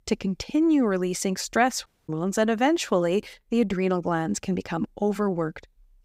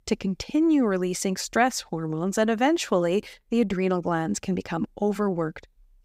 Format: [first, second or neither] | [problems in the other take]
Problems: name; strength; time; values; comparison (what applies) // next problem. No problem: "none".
second | audio cutting out; at 2 s